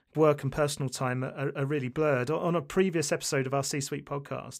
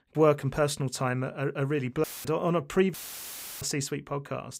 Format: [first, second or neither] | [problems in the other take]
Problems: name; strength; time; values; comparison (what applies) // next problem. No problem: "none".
first | audio cutting out; filled with static; at 2 s and at 3 s for 0.5 s